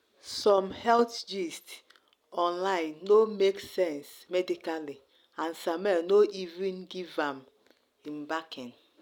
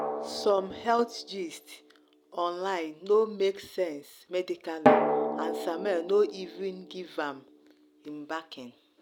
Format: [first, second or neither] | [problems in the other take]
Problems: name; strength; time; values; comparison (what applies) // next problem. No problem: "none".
first | background sound (Drum); 2 dB below the speech